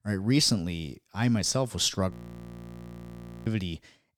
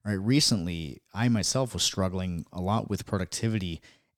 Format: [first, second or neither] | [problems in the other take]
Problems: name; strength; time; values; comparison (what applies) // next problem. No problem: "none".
second | audio freezing; at 2 s for 1.5 s